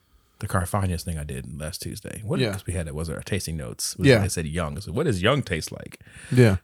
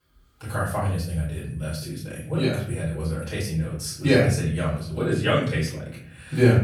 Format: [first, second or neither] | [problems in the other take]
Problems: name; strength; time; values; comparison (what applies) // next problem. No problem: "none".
first | off-mic speech; far // room echo; noticeable; dies away in 0.6 s